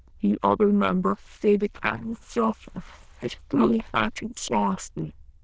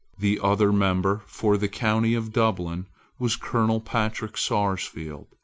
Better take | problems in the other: second | noise reduction (neural diffusion model UNIVERSE++)

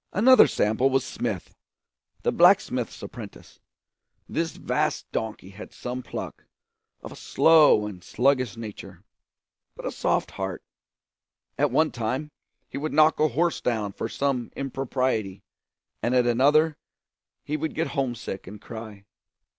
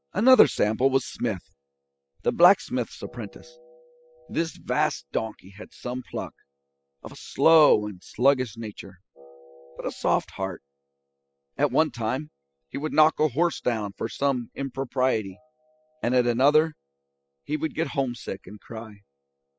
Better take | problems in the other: first | noise reduction (classical method spectral subtraction)

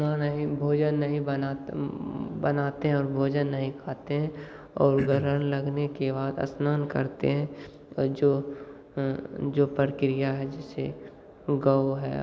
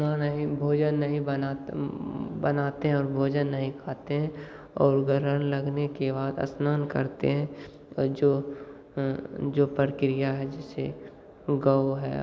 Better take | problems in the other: second | background sound (Cough); 8 dB below the speech

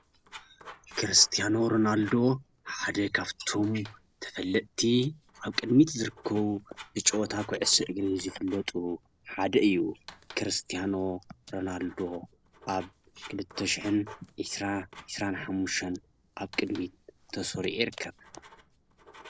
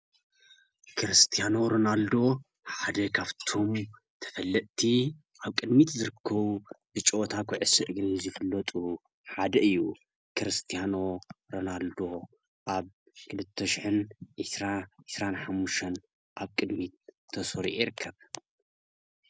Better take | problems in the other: second | noise reduction (neural separator model SepFormer DNS4)

